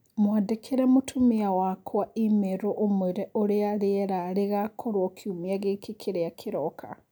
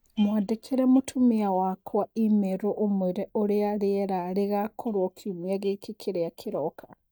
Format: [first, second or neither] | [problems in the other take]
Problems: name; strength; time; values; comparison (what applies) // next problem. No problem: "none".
first | noise reduction (neural mask model DeepFilterNet 3)